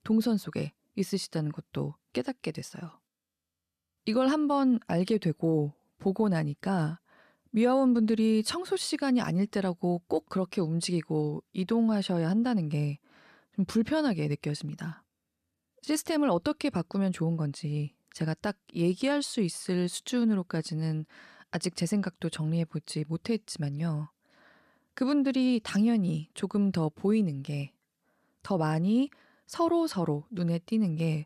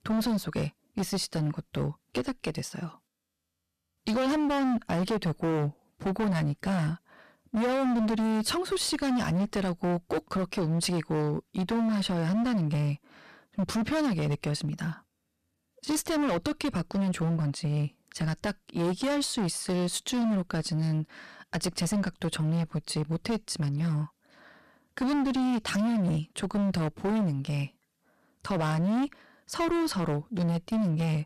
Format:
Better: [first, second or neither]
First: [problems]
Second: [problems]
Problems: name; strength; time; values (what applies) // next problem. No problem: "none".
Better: first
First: none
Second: distortion; heavy; 23% of the sound clipped